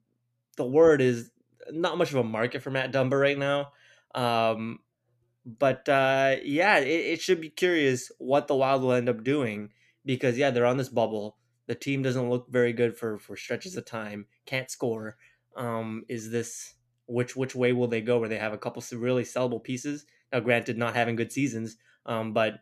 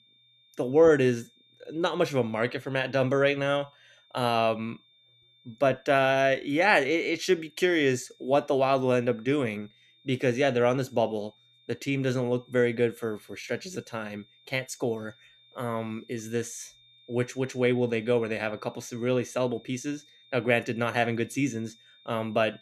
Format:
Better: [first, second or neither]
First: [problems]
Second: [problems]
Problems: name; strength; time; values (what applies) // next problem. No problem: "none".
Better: first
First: none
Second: high-pitched whine; faint; throughout; 3.5 kHz, 30 dB below the speech